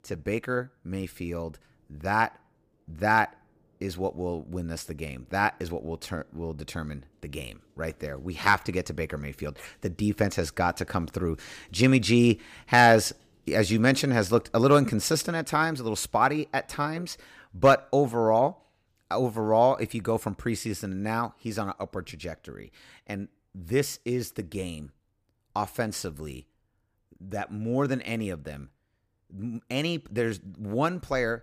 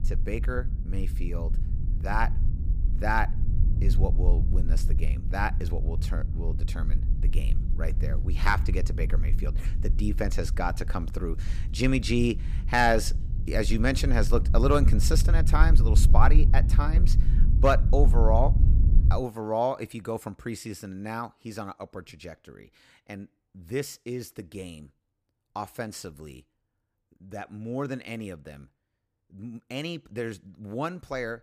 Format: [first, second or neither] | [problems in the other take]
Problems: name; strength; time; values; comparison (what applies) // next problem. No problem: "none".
first | low rumble; noticeable; until 19 s; 15 dB below the speech